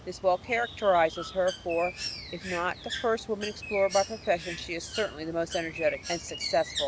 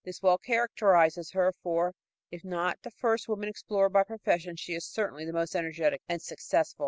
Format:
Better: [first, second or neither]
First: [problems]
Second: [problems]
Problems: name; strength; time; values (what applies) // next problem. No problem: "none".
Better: second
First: background sound (Bird); 10 dB below the speech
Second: none